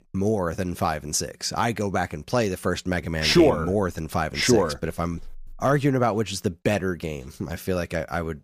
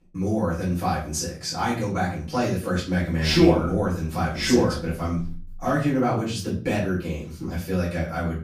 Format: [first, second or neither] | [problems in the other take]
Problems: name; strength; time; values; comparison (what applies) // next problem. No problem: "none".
first | off-mic speech; far // room echo; slight; dies away in 0.4 s